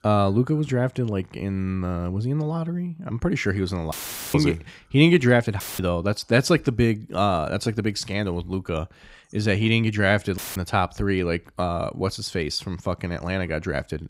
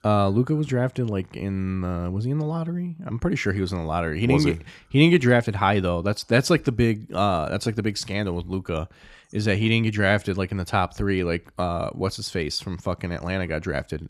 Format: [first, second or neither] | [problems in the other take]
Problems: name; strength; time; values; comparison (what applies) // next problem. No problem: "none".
second | audio cutting out; filled with static; at 4 s, at 5.5 s and at 10 s